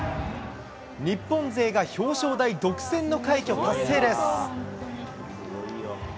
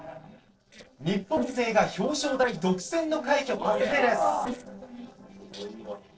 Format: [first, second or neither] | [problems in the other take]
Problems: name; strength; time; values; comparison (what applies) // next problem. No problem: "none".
first | noise reduction (neural separator model SepFormer DNS4)